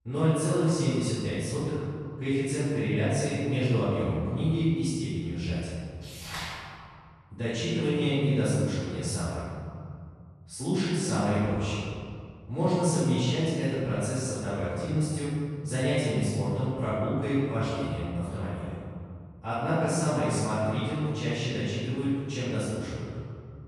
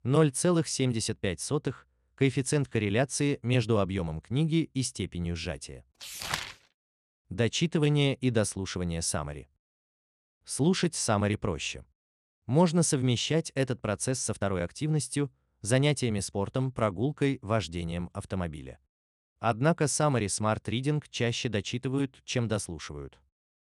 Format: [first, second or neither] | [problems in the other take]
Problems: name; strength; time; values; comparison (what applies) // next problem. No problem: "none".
second | off-mic speech; far // room echo; strong; dies away in 2.2 s